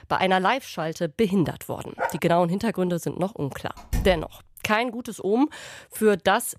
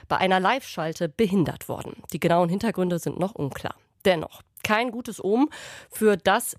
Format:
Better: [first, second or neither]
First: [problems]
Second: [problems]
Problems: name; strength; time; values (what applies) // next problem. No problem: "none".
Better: second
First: dog barking; noticeable; at 2 s; peak 6 dB below the speech // door banging; noticeable; at 4 s; peak 6 dB below the speech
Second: none